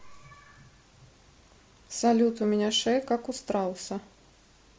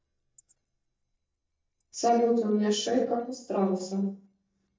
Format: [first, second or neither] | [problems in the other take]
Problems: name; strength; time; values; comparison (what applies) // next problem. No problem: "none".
first | noise reduction (neural mask model DeepFilterNet 3)